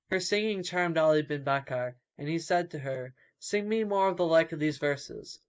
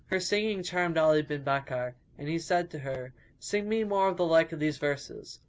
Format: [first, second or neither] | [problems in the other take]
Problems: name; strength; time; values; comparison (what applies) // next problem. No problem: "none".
second | noise reduction (neural mask model Resemble Enhance denoiser)